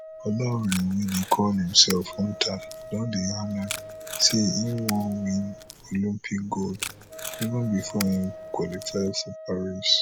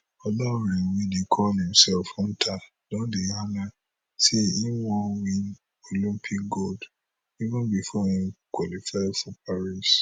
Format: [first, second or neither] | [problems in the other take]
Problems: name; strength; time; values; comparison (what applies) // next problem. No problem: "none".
second | background sound (Packing tape, duct tape + Wind instrument, woodwind instrument); 12 dB below the speech